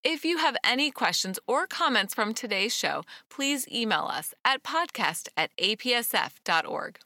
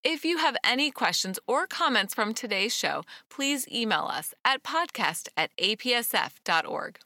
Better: neither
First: none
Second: none

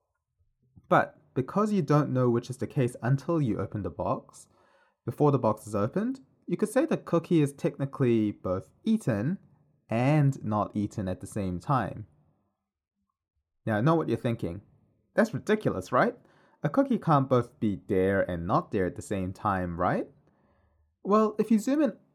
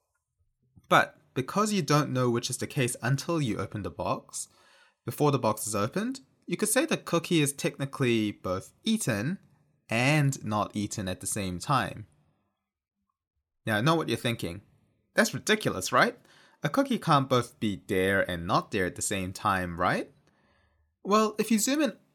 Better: second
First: muffled; slightly; fading above 1.5 kHz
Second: none

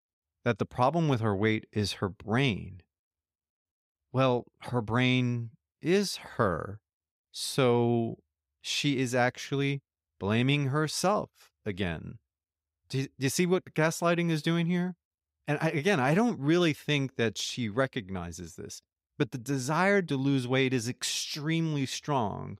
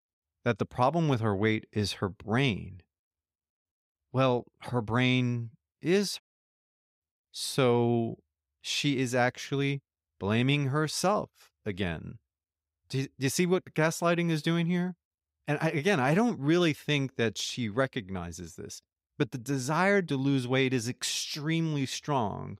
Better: first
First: none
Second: audio cutting out; at 6 s for 1 s

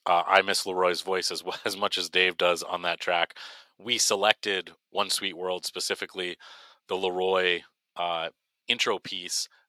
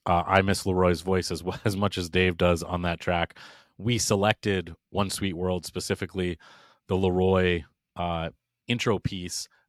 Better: second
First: thin; very; fading below 500 Hz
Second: none

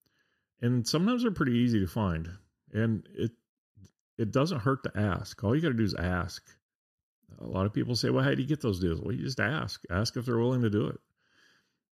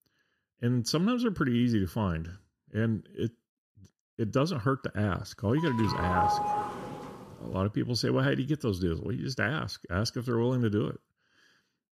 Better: first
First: none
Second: doorbell; loud; from 5.5 to 7 s; peak 3 dB above the speech

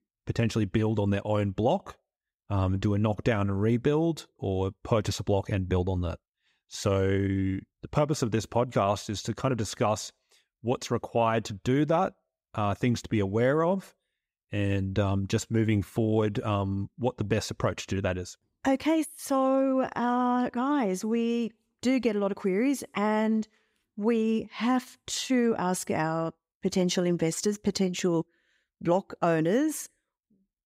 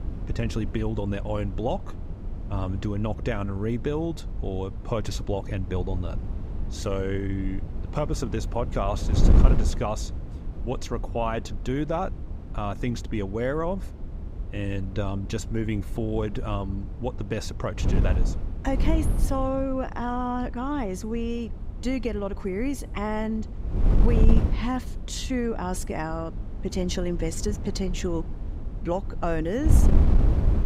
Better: first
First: none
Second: wind noise on the microphone; occasional gusts; 10 dB below the speech

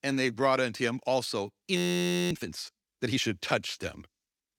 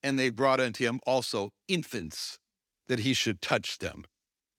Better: second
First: audio freezing; at 2 s for 0.5 s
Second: none

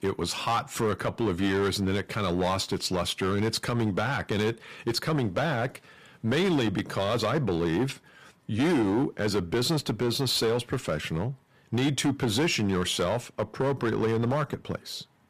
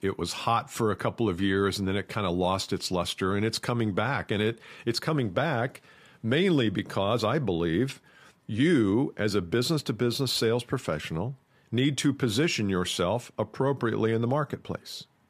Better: second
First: distortion; slight; 10% of the sound clipped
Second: none

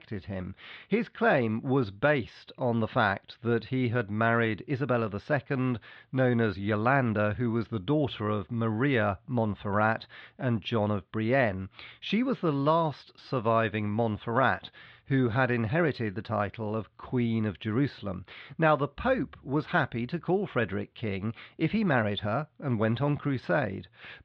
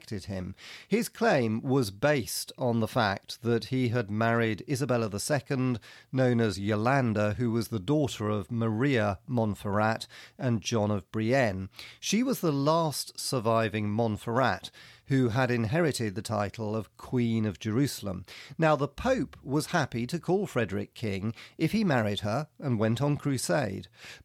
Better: second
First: muffled; very; fading above 3.5 kHz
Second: none

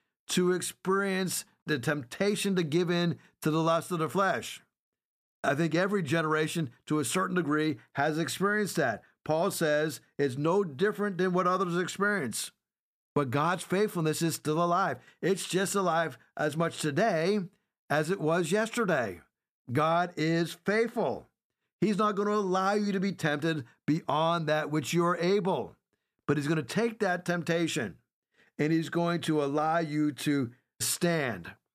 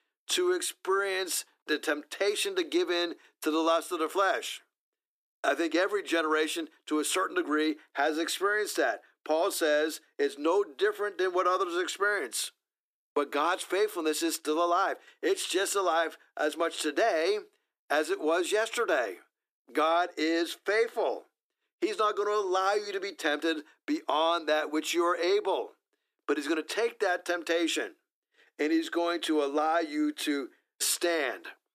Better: first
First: none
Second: thin; somewhat; fading below 300 Hz

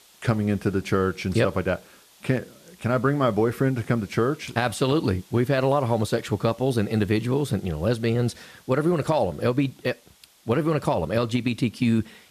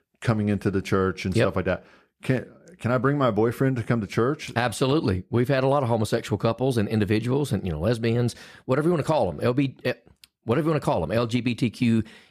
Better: second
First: hiss; faint; throughout; 30 dB below the speech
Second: none

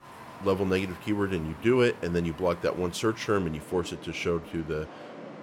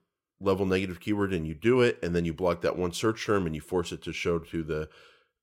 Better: second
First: rain or running water; noticeable; throughout; 15 dB below the speech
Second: none

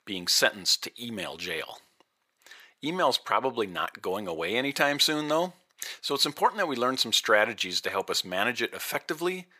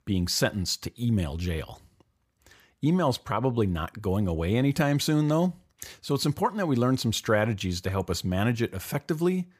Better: second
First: thin; very; fading below 450 Hz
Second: none

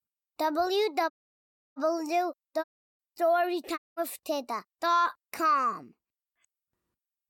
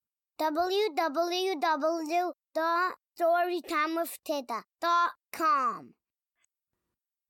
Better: second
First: audio cutting out; at 1 s for 0.5 s, at 2.5 s and at 4 s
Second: none

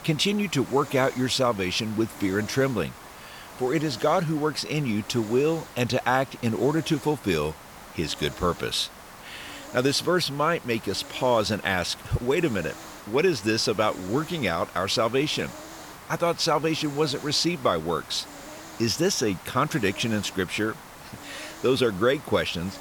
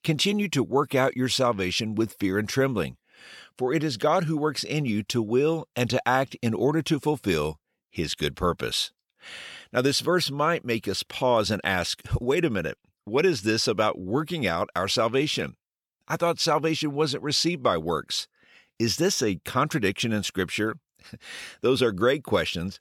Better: second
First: hiss; noticeable; throughout; 15 dB below the speech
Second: none

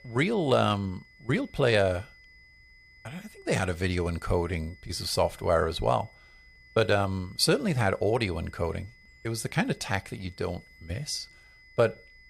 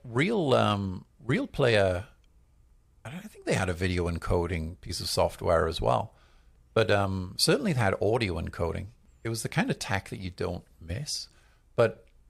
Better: second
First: high-pitched whine; faint; throughout; 2 kHz, 25 dB below the speech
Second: none

